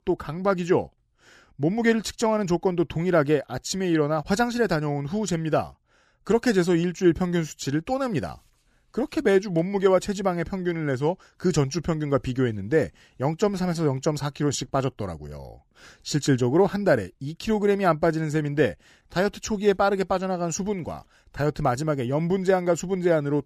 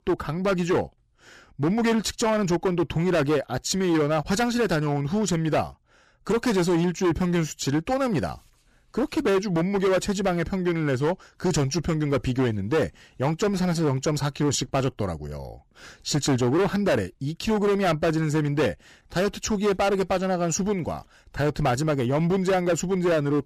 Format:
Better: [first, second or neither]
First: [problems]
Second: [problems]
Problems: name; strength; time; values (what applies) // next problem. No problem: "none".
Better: first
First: none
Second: distortion; heavy; 13% of the sound clipped